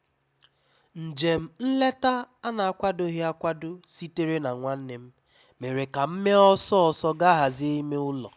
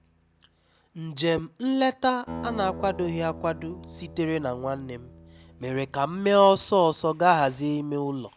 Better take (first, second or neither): first